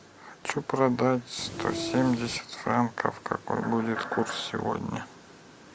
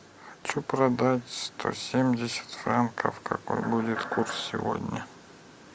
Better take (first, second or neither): second